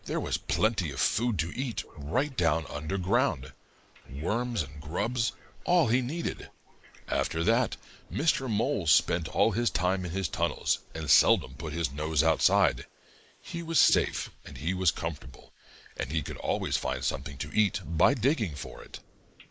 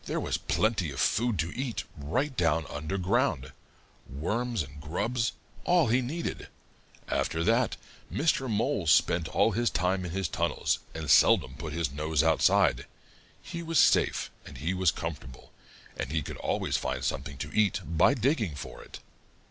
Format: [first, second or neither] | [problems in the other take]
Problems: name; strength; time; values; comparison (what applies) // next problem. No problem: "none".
second | noise reduction (neural mask model Resemble Enhance denoiser)